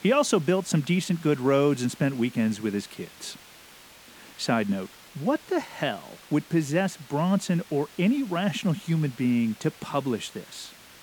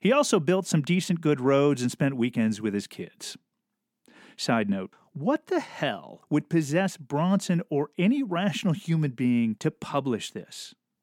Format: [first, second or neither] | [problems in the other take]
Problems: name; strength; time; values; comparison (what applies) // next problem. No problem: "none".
second | hiss; faint; throughout; 20 dB below the speech